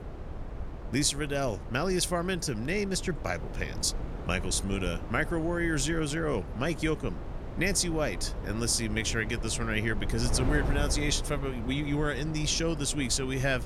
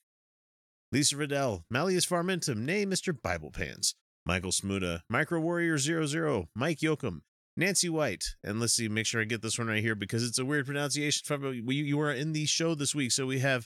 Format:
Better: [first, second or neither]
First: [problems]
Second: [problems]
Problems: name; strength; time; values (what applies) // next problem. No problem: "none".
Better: second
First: wind noise on the microphone; occasional gusts; 15 dB below the speech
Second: none